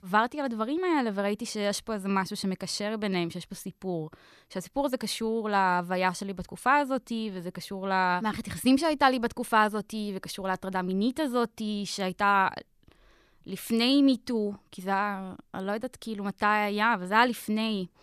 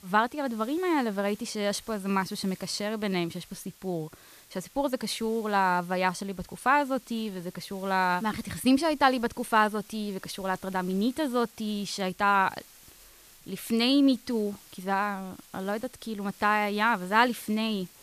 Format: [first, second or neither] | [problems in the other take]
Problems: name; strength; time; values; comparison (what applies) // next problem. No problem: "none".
first | hiss; faint; throughout; 25 dB below the speech